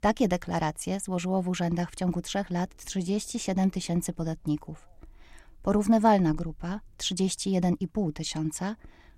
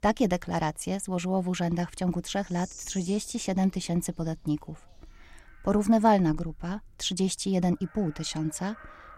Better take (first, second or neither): first